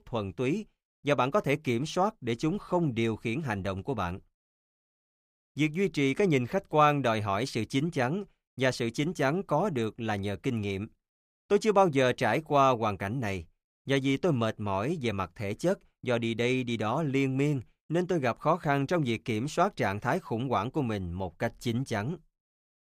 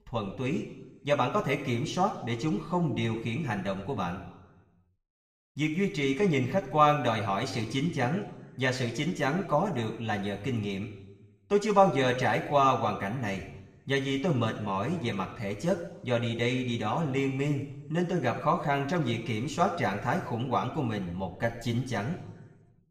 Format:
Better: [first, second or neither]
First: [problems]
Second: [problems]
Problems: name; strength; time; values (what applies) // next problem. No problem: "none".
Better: first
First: none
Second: room echo; slight; dies away in 0.9 s // off-mic speech; somewhat distant